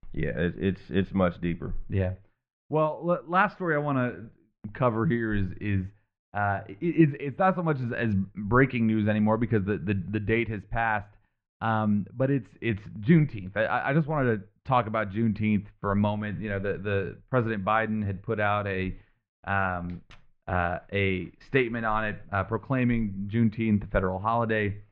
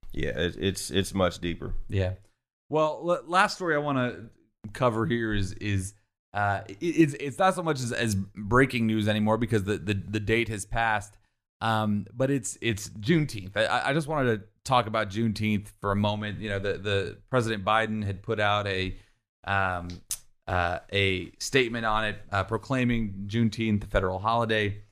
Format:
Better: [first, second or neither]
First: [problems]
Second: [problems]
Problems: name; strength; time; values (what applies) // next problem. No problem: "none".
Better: second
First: muffled; very; fading above 2.5 kHz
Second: none